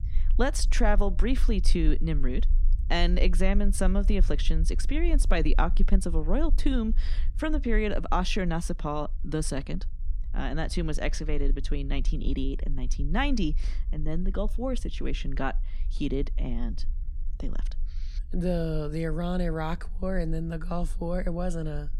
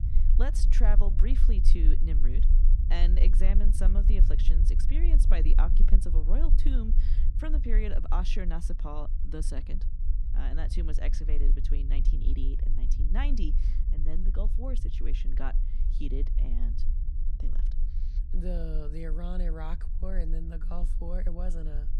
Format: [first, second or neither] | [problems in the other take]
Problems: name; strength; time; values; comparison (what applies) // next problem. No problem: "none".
first | low rumble; loud; throughout; 9 dB below the speech; faint in the first